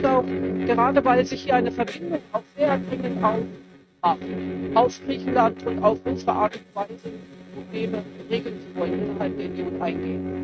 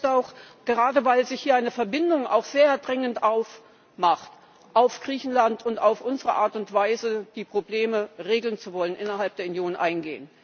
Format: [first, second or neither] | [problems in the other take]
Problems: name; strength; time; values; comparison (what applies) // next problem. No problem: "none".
second | noise reduction (neural mask model RNNoise)